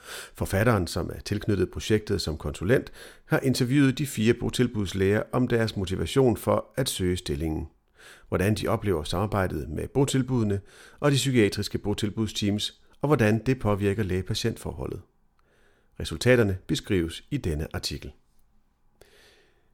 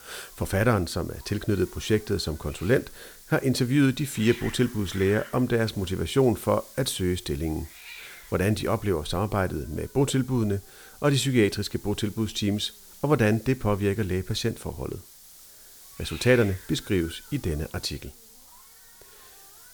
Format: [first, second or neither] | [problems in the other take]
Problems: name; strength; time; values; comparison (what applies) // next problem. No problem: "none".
first | hiss; noticeable; throughout; 20 dB below the speech